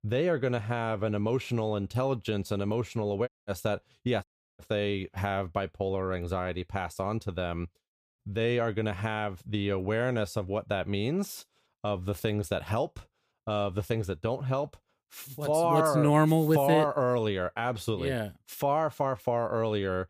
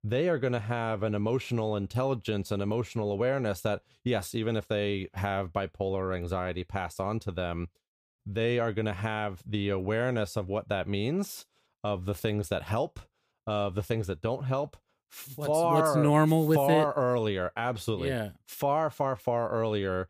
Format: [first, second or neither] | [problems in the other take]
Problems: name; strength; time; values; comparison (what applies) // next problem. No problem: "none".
second | audio cutting out; at 3.5 s and at 4 s